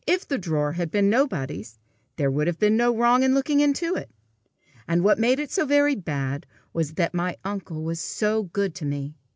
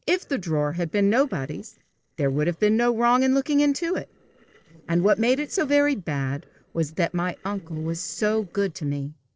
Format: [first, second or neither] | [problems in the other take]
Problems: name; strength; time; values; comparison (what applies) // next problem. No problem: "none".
first | noise reduction (neural separator model SepFormer DNS4)